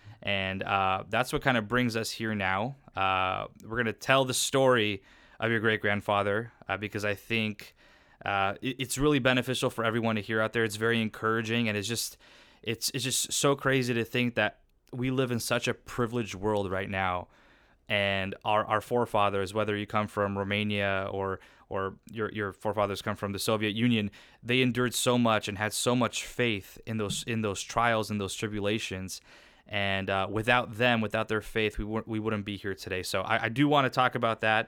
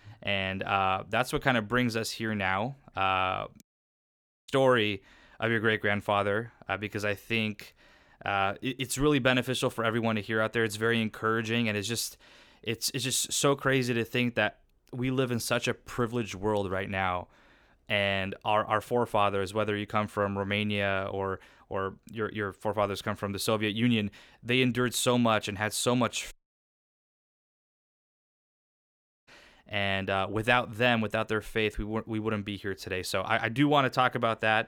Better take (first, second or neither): first